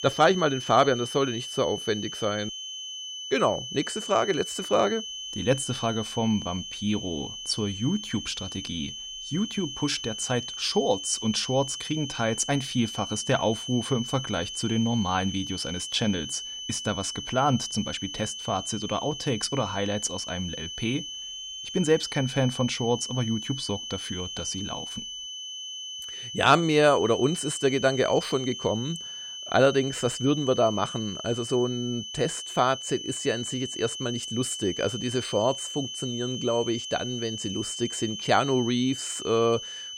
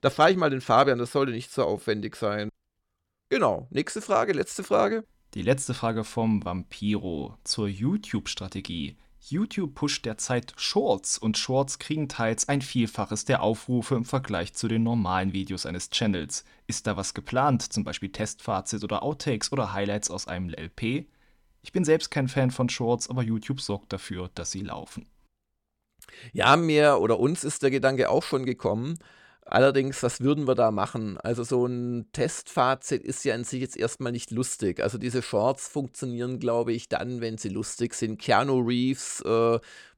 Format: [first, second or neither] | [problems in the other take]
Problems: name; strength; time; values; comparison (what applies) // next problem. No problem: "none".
second | high-pitched whine; loud; throughout; 3 kHz, 7 dB below the speech